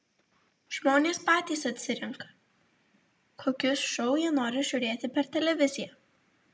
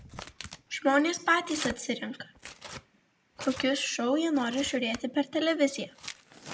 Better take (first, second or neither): first